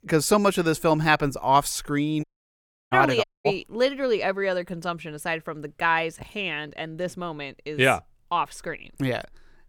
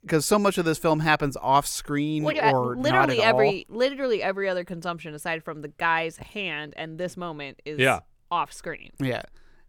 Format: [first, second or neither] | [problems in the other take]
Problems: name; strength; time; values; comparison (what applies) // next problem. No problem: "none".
second | audio cutting out; at 2 s for 0.5 s and at 3 s